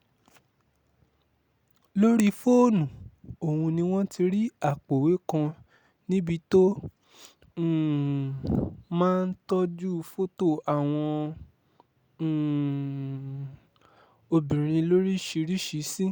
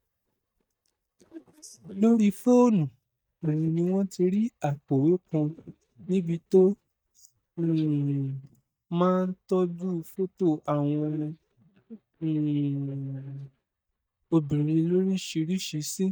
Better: first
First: none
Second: noise reduction (neural mask model DeepFilterNet 3)

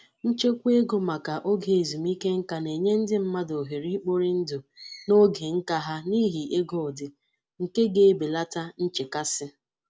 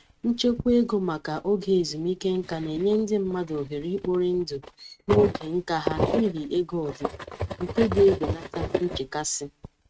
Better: first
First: none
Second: noise reduction (neural mask model RNNoise)

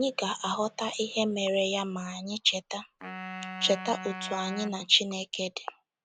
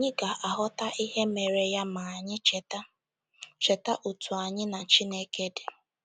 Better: second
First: background sound (Wind instrument, woodwind instrument); 11 dB below the speech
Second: none

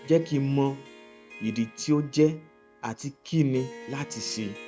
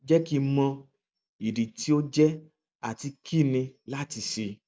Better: second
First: background sound (Harp); 19 dB below the speech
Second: none

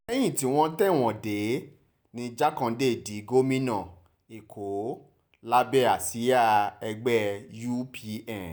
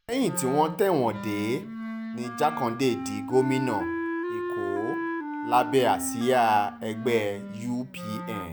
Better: first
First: none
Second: background sound (Wind instrument, woodwind instrument); 7 dB below the speech

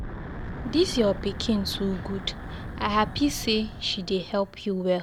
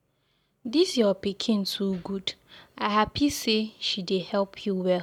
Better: second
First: background sound (Wind / Breathing); 9 dB below the speech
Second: none

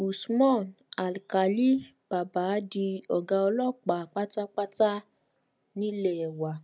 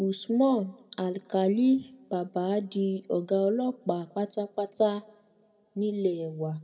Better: first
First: none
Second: room echo; dies away in 1.3 s

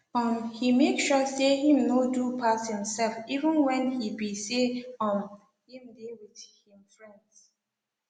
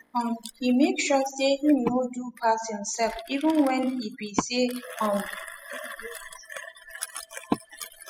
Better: first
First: none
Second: noise reduction (classical method spectral subtraction)

